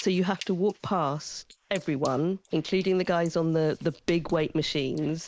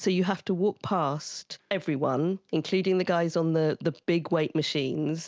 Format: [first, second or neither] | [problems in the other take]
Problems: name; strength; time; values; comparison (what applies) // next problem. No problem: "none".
second | noise reduction (neural mask model Resemble Enhance denoiser)